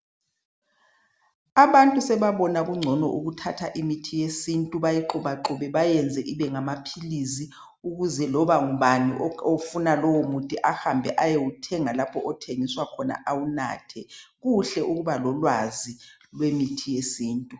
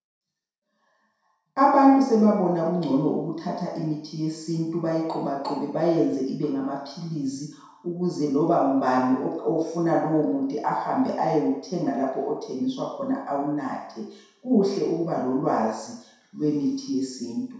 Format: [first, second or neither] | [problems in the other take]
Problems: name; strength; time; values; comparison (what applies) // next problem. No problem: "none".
first | room echo; dies away in 0.7 s